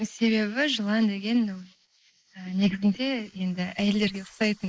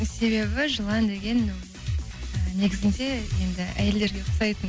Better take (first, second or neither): second